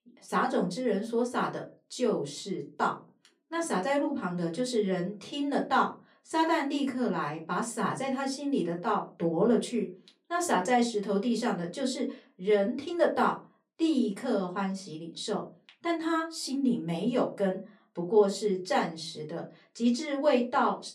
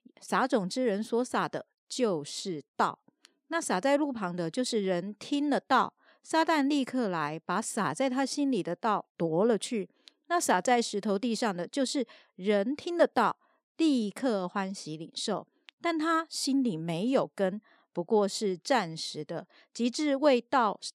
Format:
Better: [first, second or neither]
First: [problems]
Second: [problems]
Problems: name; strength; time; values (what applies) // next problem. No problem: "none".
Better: second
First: off-mic speech; far // room echo; very slight; dies away in 0.2 s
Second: none